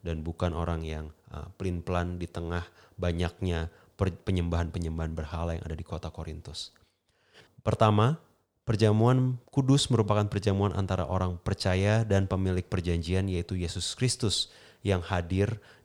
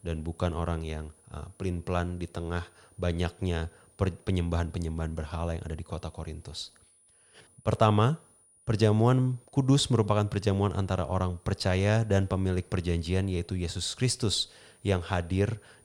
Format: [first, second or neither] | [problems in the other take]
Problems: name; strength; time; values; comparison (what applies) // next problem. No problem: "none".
first | high-pitched whine; faint; throughout; 9.5 kHz, 30 dB below the speech